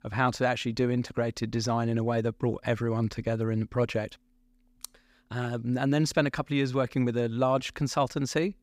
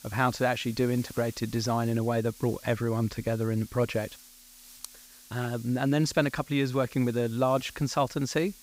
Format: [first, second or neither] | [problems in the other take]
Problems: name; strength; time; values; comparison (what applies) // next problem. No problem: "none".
first | hiss; noticeable; throughout; 20 dB below the speech